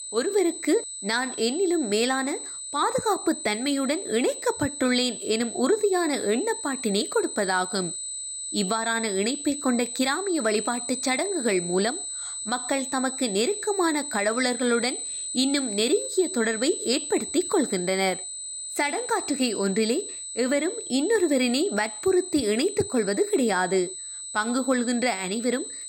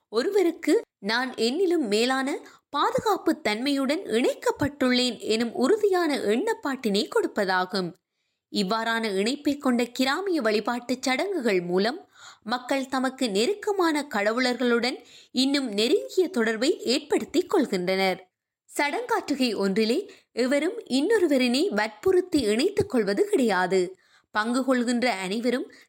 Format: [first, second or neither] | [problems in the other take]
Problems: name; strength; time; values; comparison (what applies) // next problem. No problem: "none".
second | high-pitched whine; loud; throughout; 8 kHz, 6 dB below the speech